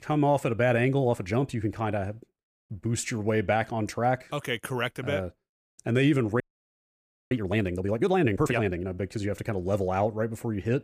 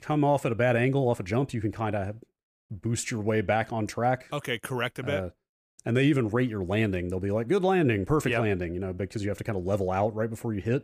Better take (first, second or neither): second